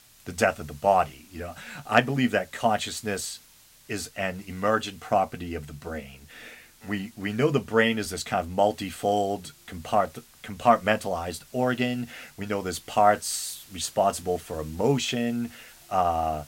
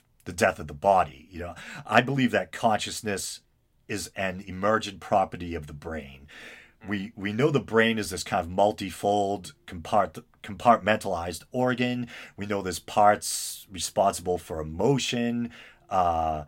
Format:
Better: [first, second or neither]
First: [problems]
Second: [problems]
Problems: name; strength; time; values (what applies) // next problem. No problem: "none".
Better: second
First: hiss; faint; throughout; 25 dB below the speech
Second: none